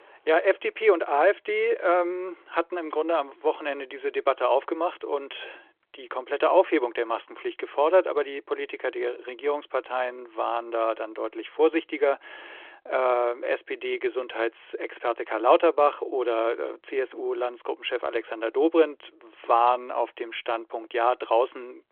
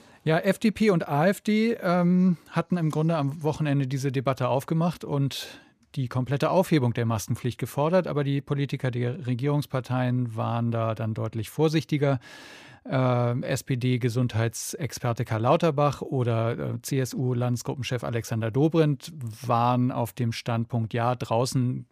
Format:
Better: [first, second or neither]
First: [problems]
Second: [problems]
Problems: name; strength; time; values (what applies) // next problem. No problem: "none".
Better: second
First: phone-call audio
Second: none